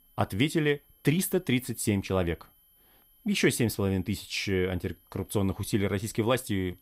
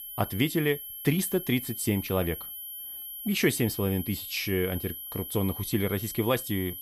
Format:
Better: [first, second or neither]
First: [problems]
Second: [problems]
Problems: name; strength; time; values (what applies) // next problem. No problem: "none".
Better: first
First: high-pitched whine; faint; throughout; 11.5 kHz, 30 dB below the speech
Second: high-pitched whine; loud; throughout; 11.5 kHz, 8 dB below the speech